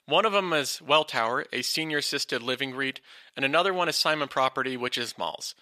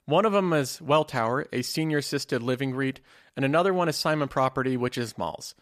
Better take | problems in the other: second | thin; somewhat; fading below 1 kHz

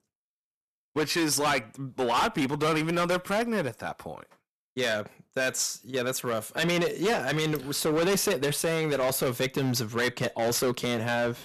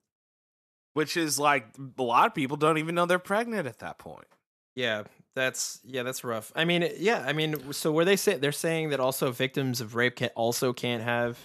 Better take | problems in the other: second | distortion; heavy; 13% of the sound clipped

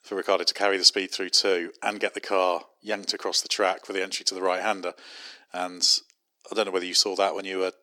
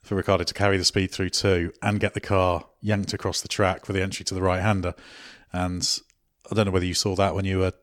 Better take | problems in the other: second | thin; somewhat; fading below 300 Hz

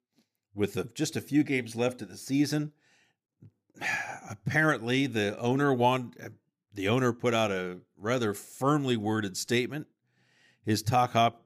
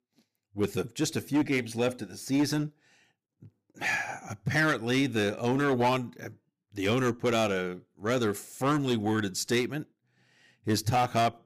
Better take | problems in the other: first | distortion; slight; 6% of the sound clipped

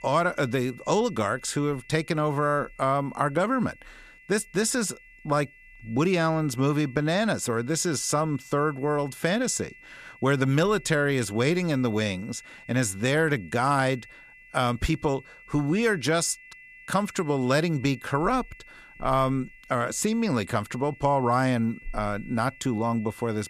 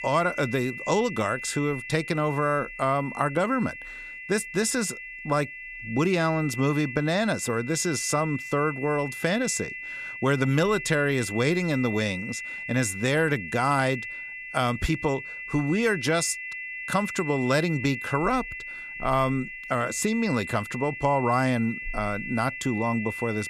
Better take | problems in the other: first | high-pitched whine; loud; throughout; 2 kHz, 9 dB below the speech; faint in the first

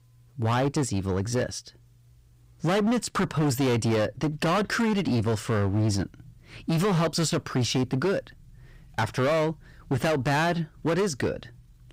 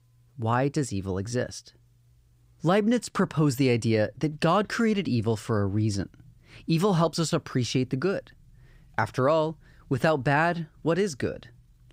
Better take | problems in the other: second | distortion; heavy; 17% of the sound clipped

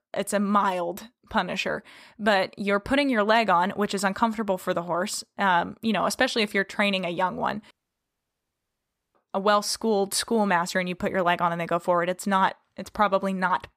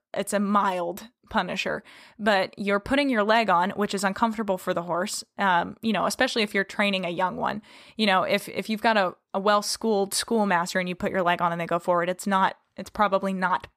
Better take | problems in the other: second | audio cutting out; at 7.5 s for 1.5 s

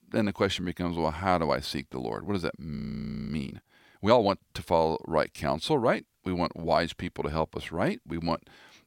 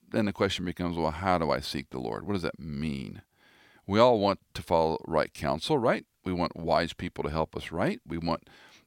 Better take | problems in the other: second | audio freezing; at 3 s for 0.5 s

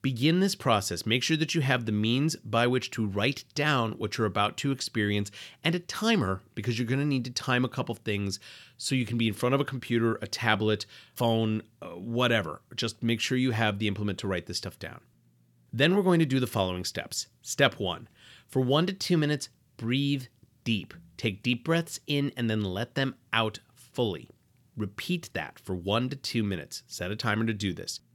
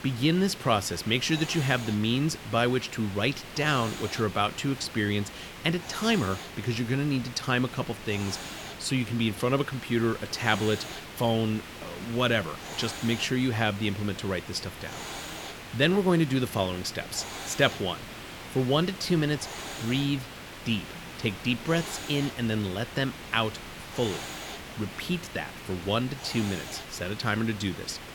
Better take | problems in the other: first | hiss; noticeable; throughout; 10 dB below the speech

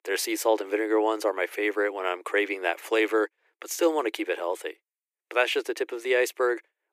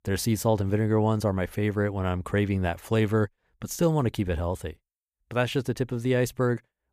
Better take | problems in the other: second | thin; very; fading below 300 Hz

